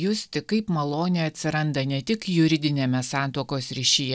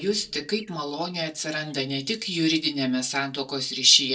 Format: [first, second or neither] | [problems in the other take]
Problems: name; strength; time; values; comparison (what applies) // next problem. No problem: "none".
first | noise reduction (neural mask model DeepFilterNet 3)